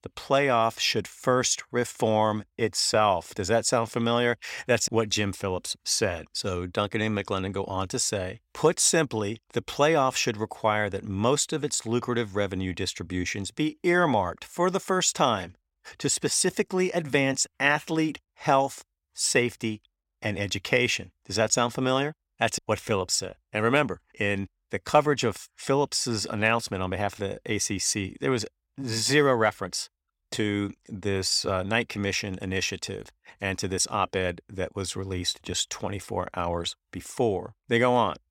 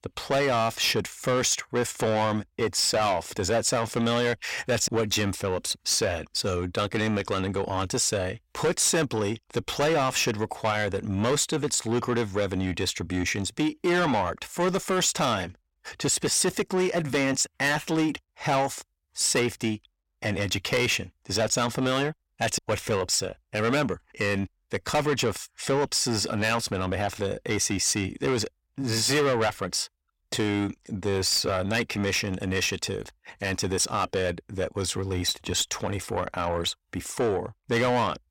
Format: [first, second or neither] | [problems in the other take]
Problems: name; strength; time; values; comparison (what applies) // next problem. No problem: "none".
first | distortion; heavy; 7 dB below the speech